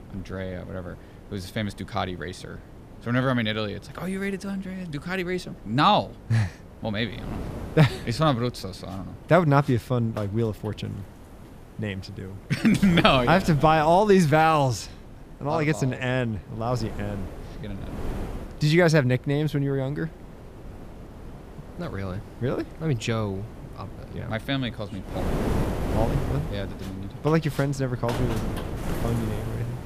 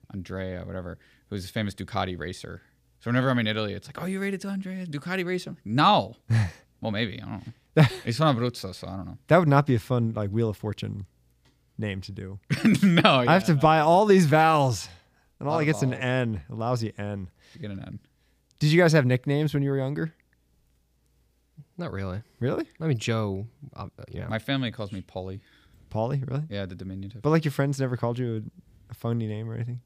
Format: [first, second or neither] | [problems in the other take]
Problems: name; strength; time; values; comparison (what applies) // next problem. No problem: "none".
second | wind noise on the microphone; occasional gusts; 15 dB below the speech